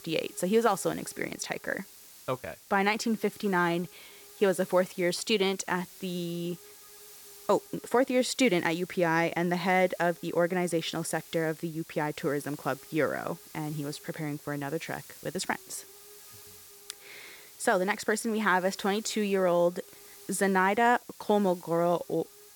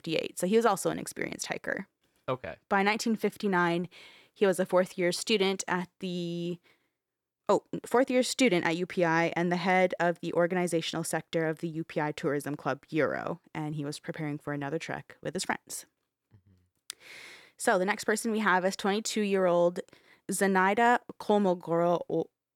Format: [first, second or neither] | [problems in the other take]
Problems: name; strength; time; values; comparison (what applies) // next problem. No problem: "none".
second | hiss; noticeable; throughout; 20 dB below the speech